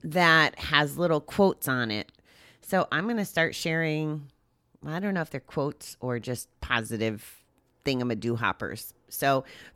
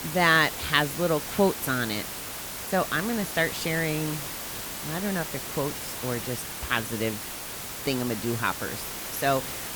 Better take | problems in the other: first | hiss; loud; throughout; 6 dB below the speech

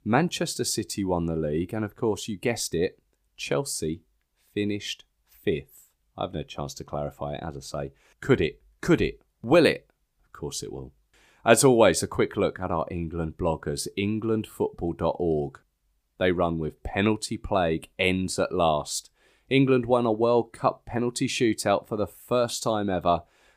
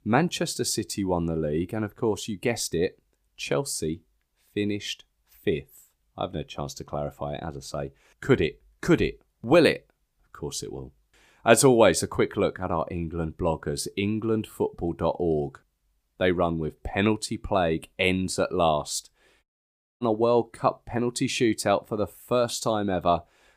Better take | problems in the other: first | audio cutting out; at 19 s for 0.5 s

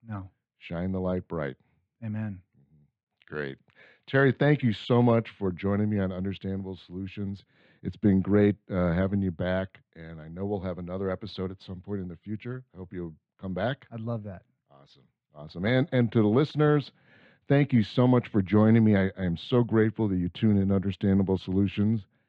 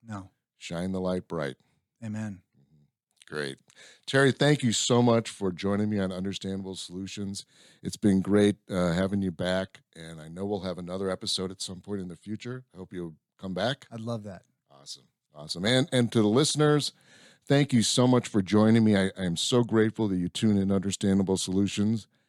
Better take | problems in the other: second | muffled; very; fading above 2.5 kHz

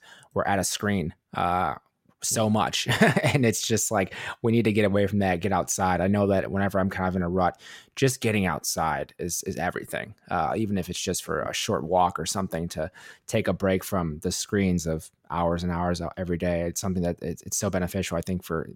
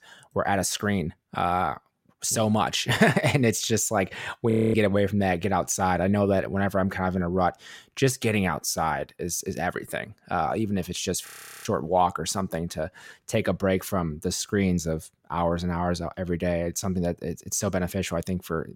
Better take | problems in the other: first | audio freezing; at 4.5 s and at 11 s

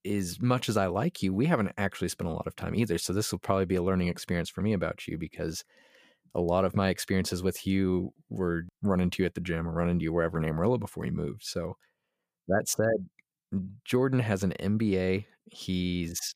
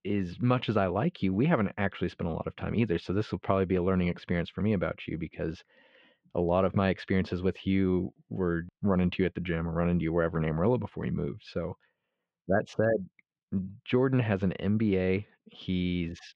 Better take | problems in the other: first | muffled; very; fading above 3 kHz

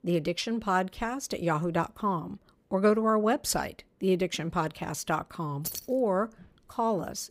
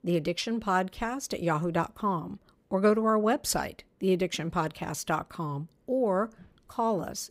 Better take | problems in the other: second | jangling keys; noticeable; at 5.5 s; peak 7 dB below the speech

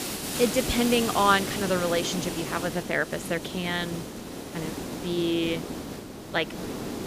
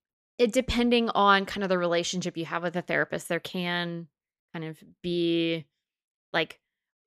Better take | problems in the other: second | hiss; loud; throughout; 6 dB below the speech

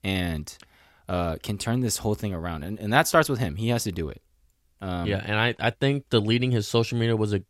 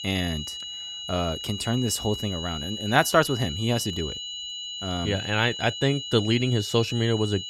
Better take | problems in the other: first | high-pitched whine; loud; throughout; 3 kHz, 7 dB below the speech

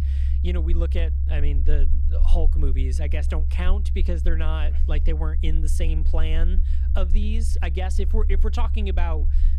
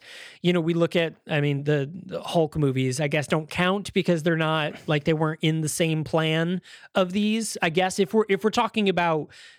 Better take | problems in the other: second | low rumble; loud; throughout; 9 dB below the speech

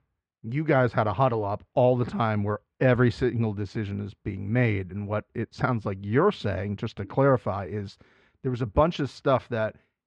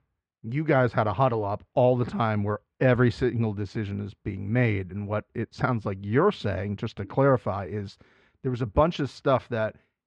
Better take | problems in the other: neither | muffled; slightly; fading above 2 kHz; the same in both

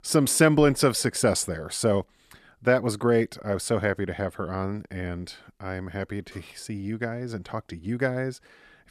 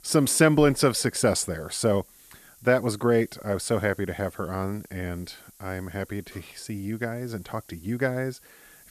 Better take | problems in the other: first | hiss; faint; throughout; 25 dB below the speech

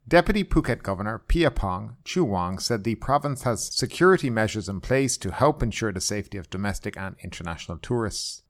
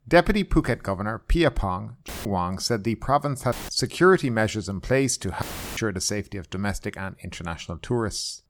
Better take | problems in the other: first | audio cutting out; filled with static; at 2 s, at 3.5 s and at 5.5 s

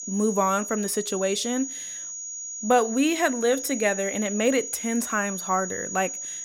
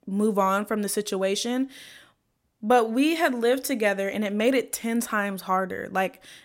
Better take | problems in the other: second | high-pitched whine; loud; throughout; 6.5 kHz, 7 dB below the speech

